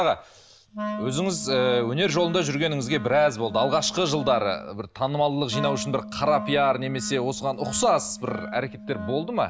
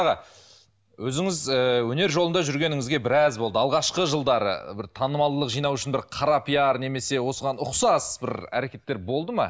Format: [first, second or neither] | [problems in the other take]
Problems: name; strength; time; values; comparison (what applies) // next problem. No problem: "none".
second | background sound (Wind instrument, woodwind instrument); 11 dB below the speech